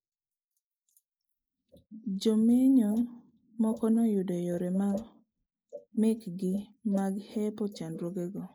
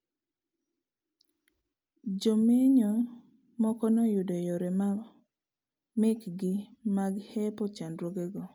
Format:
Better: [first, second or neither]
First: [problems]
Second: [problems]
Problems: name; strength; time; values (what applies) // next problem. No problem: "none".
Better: second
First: noise reduction (neural mask model Resemble Enhance denoiser)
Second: none